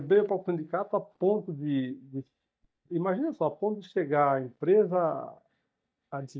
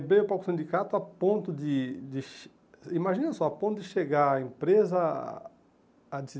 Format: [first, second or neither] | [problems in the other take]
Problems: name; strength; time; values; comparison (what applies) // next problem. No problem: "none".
second | noise reduction (neural mask model DeepFilterNet 3)